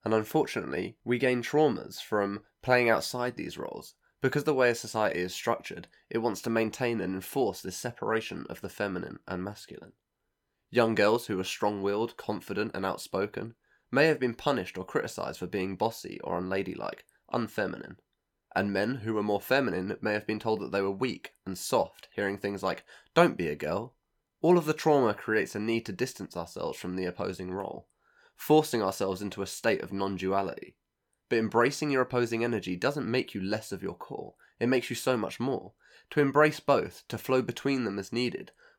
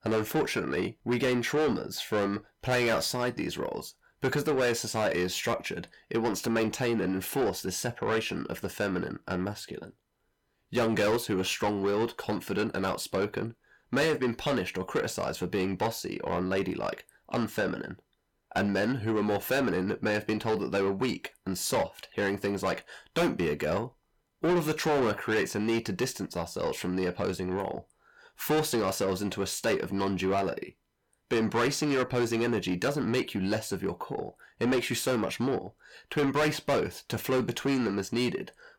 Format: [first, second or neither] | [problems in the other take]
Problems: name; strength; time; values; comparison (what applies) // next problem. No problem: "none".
first | distortion; heavy; 7 dB below the speech